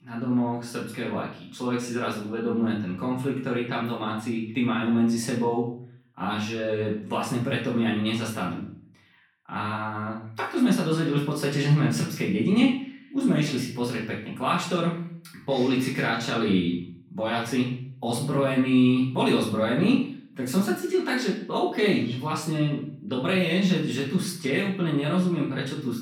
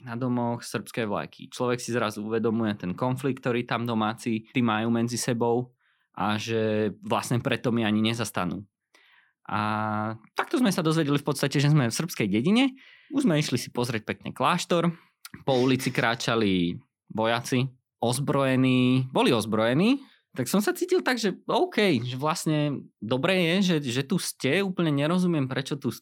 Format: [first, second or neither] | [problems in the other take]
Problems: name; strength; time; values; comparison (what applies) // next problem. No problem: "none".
second | off-mic speech; far // room echo; noticeable; dies away in 0.5 s